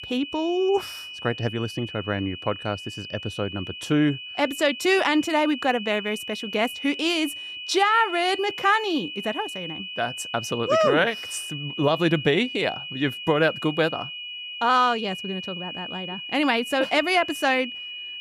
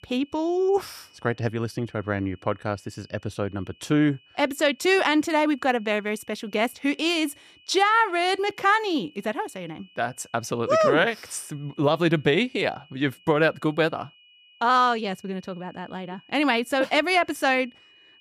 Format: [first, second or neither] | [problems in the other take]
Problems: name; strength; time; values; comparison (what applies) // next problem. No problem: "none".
second | high-pitched whine; loud; throughout; 3 kHz, 9 dB below the speech; faint in the second